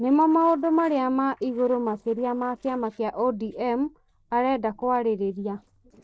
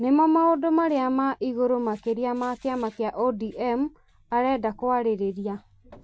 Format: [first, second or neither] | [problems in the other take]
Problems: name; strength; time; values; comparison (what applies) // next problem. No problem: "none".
second | noise reduction (neural separator model SepFormer DNS4)